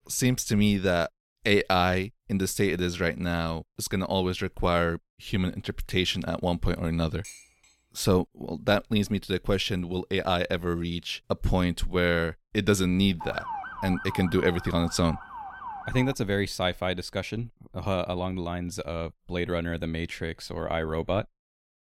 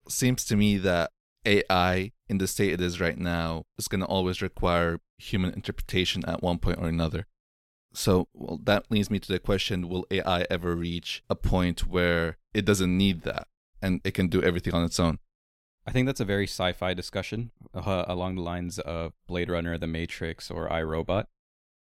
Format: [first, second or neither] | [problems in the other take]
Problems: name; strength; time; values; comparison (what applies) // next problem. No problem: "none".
second | clattering dishes; faint; at 7 s; peak 15 dB below the speech // siren; noticeable; from 13 to 16 s; peak 8 dB below the speech